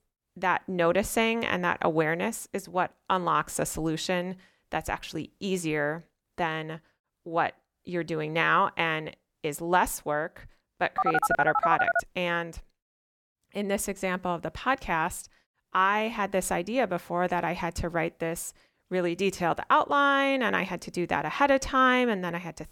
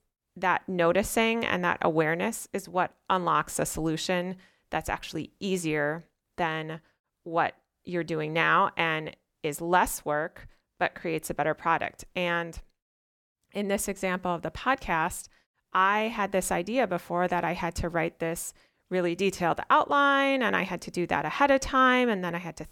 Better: second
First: phone ringing; loud; from 11 to 12 s; peak 3 dB above the speech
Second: none

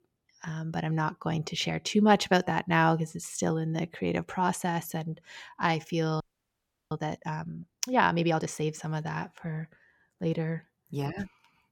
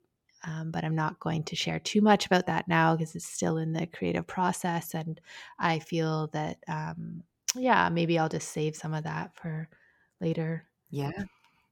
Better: second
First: audio freezing; at 6 s for 0.5 s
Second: none

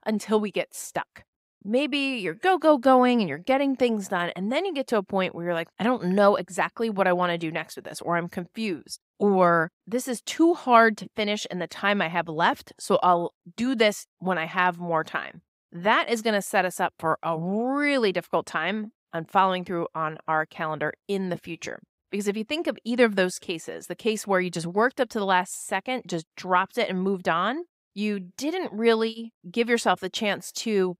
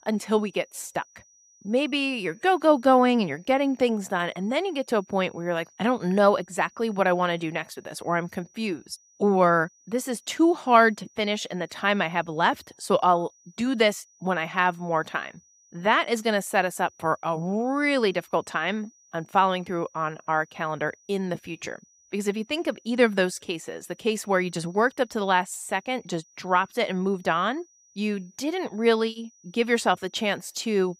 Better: first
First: none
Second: high-pitched whine; faint; throughout; 6 kHz, 30 dB below the speech

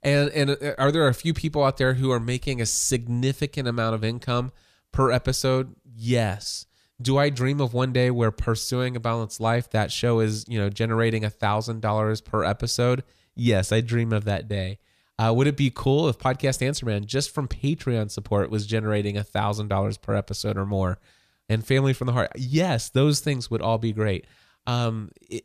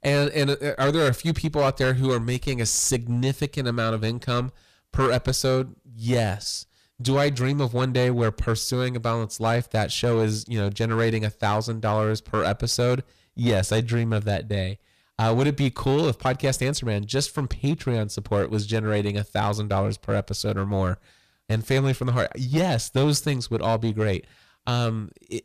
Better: first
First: none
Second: distortion; slight; 7% of the sound clipped

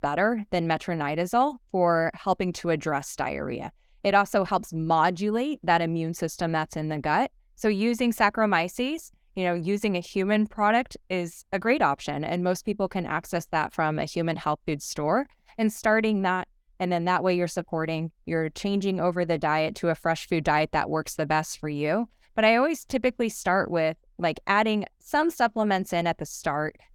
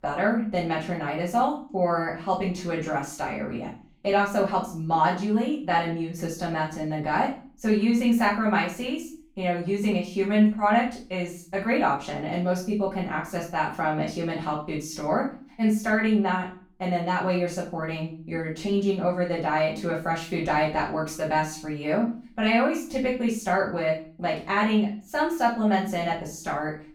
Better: first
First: none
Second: off-mic speech; far // room echo; noticeable; dies away in 0.4 s

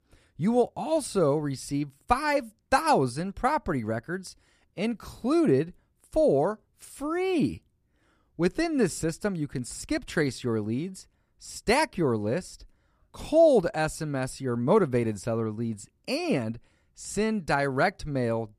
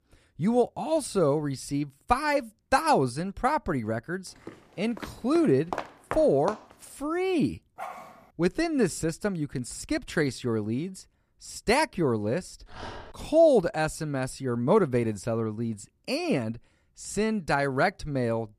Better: first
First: none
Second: footsteps; noticeable; from 4.5 to 6.5 s; peak 9 dB below the speech // dog barking; faint; at 8 s and at 13 s; peak 15 dB below the speech

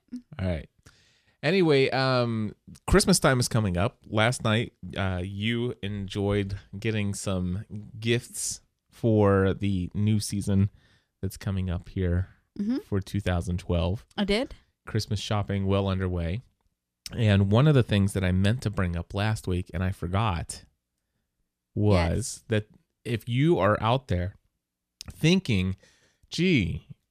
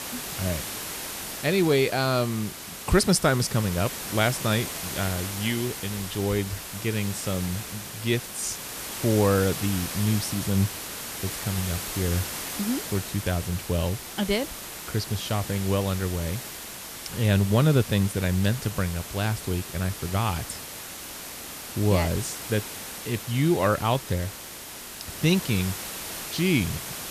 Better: first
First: none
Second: hiss; loud; throughout; 7 dB below the speech

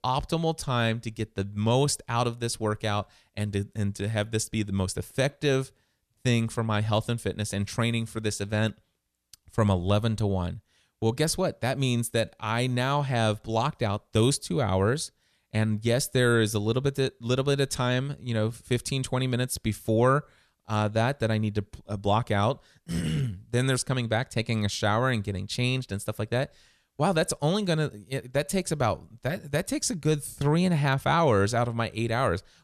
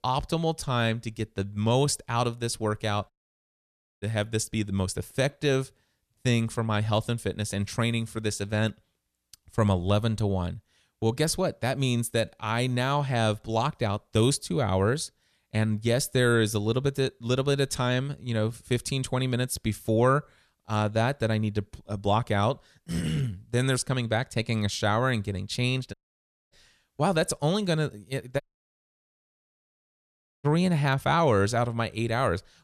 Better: first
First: none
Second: audio cutting out; at 3 s for 1 s, at 26 s for 0.5 s and at 28 s for 2 s

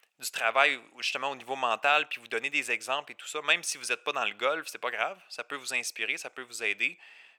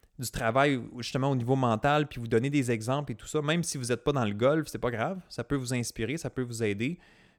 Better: second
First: thin; very; fading below 850 Hz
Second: none

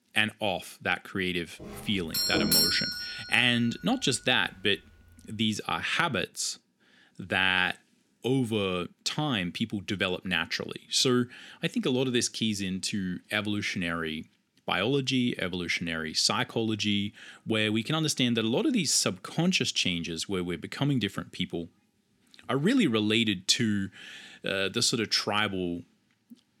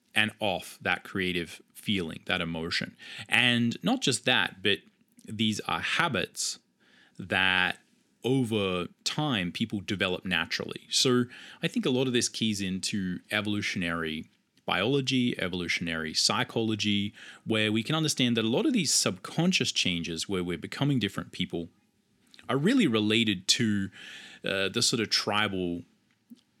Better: second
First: doorbell; loud; from 1.5 to 3 s; peak 6 dB above the speech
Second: none

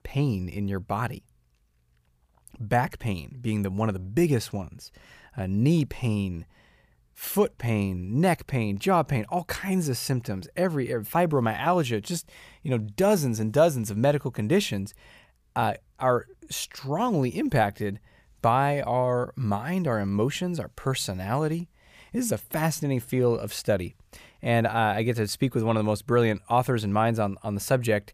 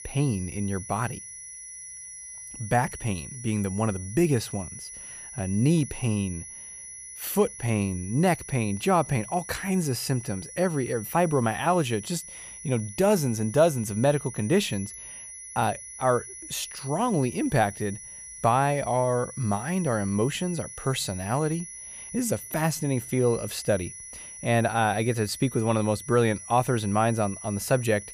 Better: first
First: none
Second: high-pitched whine; noticeable; throughout; 10.5 kHz, 10 dB below the speech

